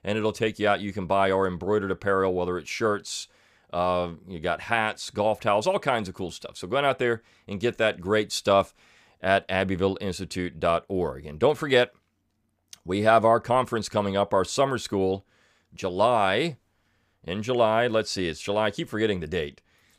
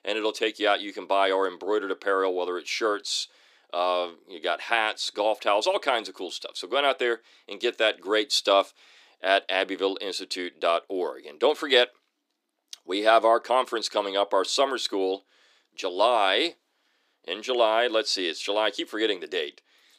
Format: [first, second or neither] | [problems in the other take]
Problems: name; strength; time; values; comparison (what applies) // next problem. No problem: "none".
first | thin; somewhat; fading below 300 Hz